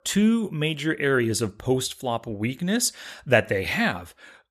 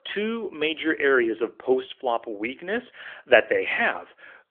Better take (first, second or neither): first